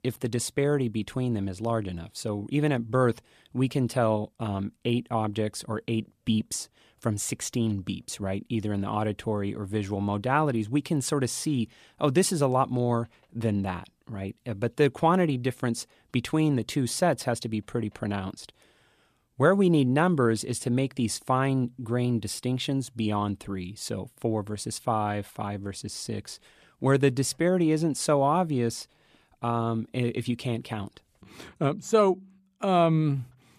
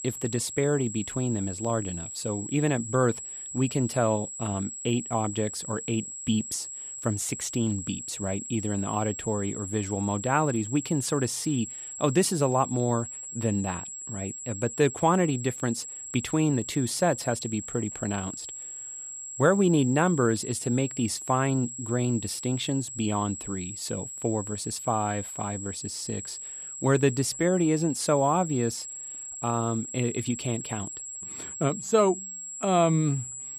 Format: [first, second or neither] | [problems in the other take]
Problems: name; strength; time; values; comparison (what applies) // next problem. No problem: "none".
first | high-pitched whine; loud; throughout; 7.5 kHz, 8 dB below the speech